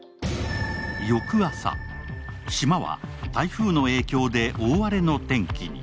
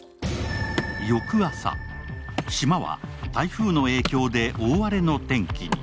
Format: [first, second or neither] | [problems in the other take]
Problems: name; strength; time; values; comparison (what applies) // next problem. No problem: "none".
first | background sound (Wood); 13 dB below the speech